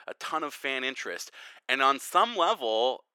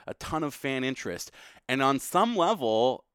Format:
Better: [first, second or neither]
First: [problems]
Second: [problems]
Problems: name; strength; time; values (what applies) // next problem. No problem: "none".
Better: second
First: thin; somewhat; fading below 450 Hz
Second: none